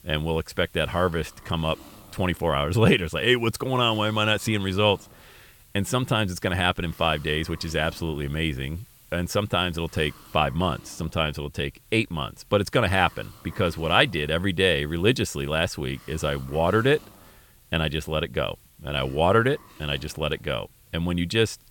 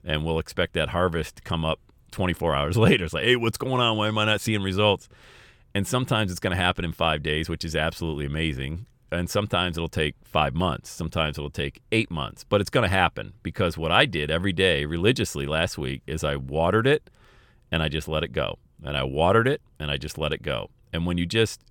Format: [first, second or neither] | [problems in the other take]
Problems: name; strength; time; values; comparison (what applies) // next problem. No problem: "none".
second | hiss; faint; throughout; 25 dB below the speech